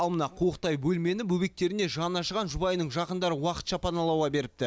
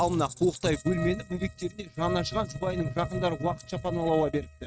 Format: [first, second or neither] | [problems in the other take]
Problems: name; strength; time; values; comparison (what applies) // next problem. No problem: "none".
first | noise reduction (neural mask model RNNoise)